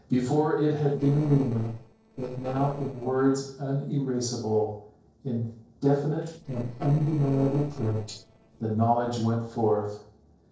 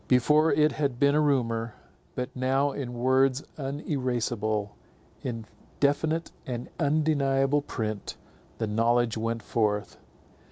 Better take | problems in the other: second | noise reduction (neural separator model SepFormer DNS4)

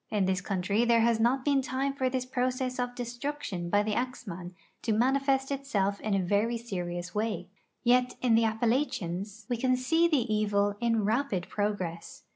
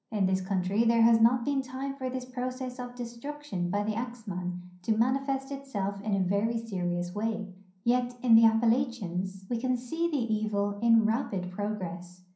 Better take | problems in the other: first | room echo; dies away in 0.6 s

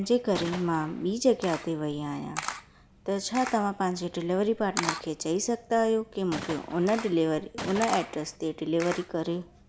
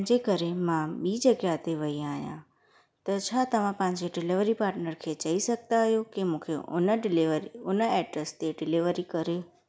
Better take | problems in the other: second | background sound (Gunshot, gunfire + Camera); 12 dB below the speech

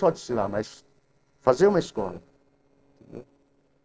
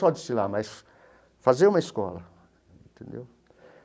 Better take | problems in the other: second | noise reduction (neural separator model SepFormer DNS4)

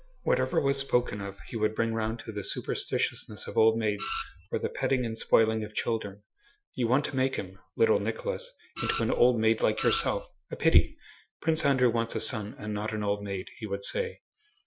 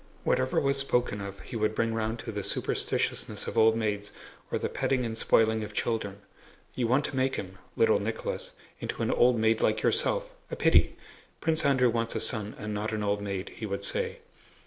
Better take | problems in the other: second | noise reduction (classical method Wiener filter)

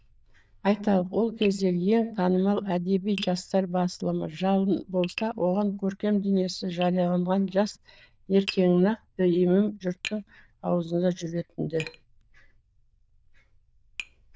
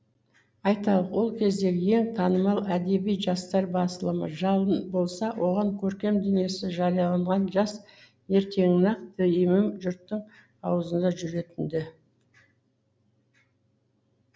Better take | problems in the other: second | noise reduction (neural diffusion model UNIVERSE++)

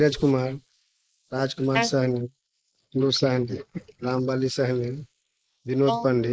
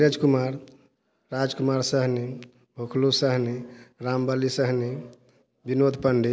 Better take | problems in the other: second | noise reduction (neural mask model Resemble Enhance denoiser)

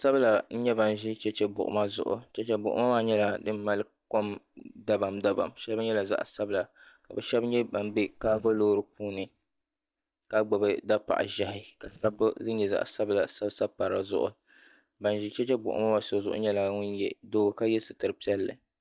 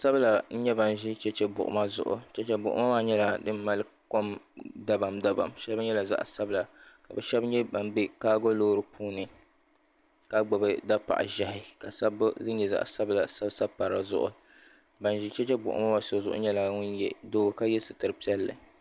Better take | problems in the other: second | noise reduction (neural mask model DeepFilterNet 3)

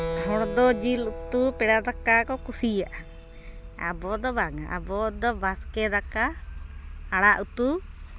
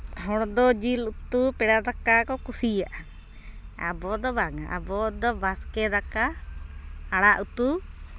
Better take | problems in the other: second | background sound (Keyboard (musical)); 13 dB below the speech

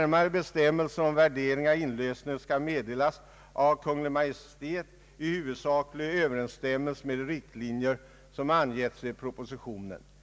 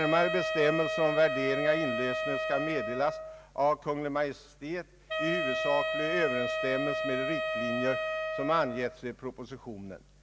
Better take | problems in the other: first | background sound (Wind instrument, woodwind instrument); 2 dB below the speech

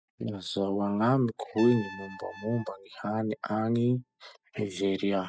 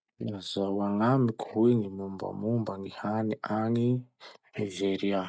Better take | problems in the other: second | noise reduction (classical method spectral subtraction)

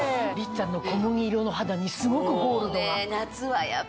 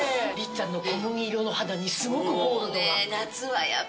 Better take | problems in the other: first | room echo; dies away in 0.2 s

